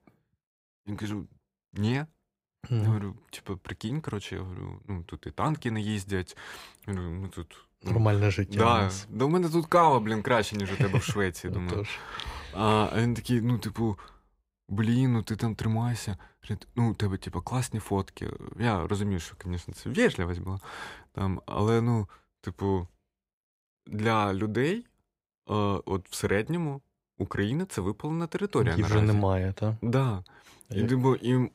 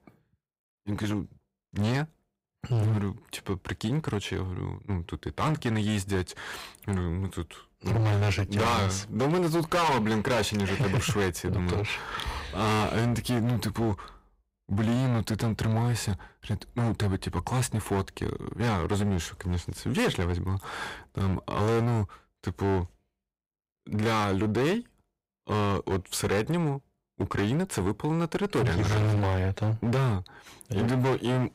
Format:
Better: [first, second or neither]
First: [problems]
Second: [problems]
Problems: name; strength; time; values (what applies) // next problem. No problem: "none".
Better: first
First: none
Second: distortion; heavy; 16% of the sound clipped